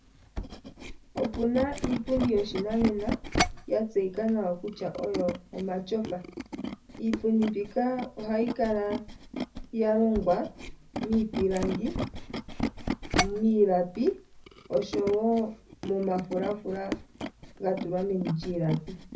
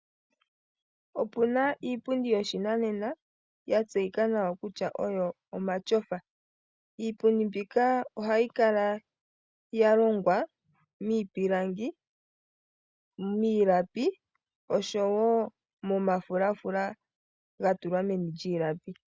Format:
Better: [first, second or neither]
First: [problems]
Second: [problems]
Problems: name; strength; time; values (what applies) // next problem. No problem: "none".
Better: second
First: background sound (Tools); 6 dB below the speech // room echo; dies away in 0.4 s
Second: none